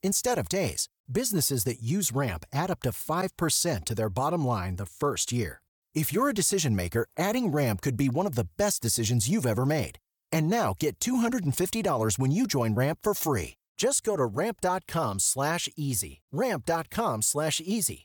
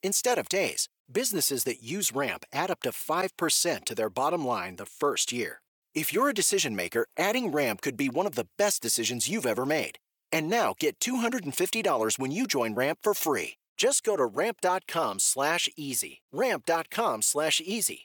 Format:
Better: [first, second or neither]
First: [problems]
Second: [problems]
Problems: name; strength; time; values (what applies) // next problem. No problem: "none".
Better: first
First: none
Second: thin; somewhat; fading below 350 Hz